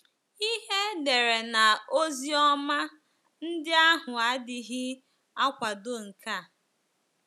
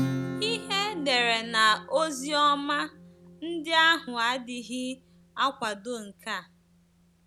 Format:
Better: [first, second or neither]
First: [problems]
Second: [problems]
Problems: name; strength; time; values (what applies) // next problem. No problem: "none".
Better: first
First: none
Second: background sound (Acoustic guitar / Strum); 11 dB below the speech